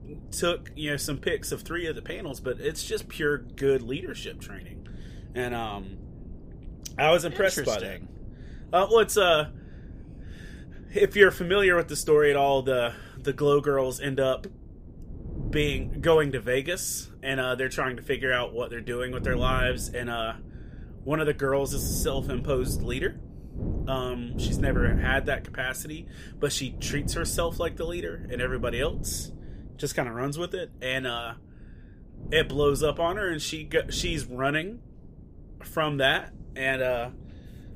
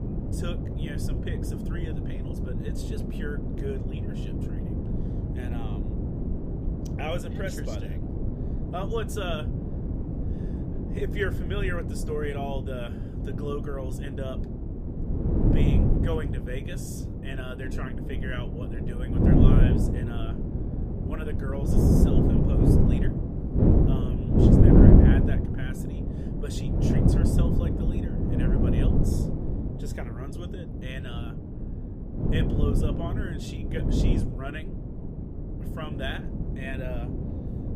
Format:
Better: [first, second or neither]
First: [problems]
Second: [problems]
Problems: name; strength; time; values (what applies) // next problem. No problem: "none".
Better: first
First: wind noise on the microphone; occasional gusts; 20 dB below the speech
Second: wind noise on the microphone; heavy; 3 dB above the speech